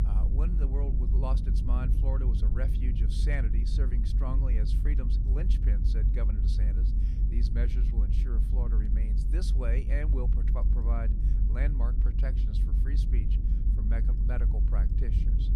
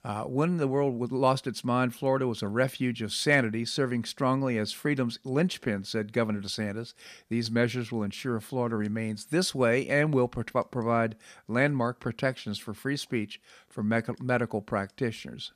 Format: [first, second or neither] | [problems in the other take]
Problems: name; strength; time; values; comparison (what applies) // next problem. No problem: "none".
second | low rumble; loud; throughout; 3 dB below the speech